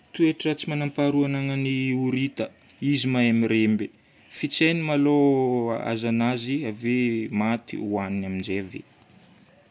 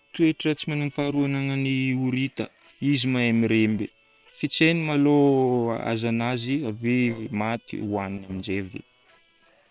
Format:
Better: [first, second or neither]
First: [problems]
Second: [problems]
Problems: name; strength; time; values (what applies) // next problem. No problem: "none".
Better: first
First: none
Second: noise reduction (neural separator model SepFormer WHAM!)